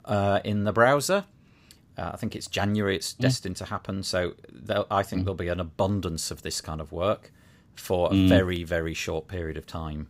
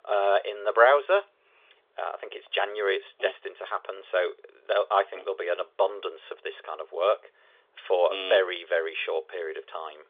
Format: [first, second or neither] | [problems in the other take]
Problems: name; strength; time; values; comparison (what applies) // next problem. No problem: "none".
first | phone-call audio; nothing above 3.5 kHz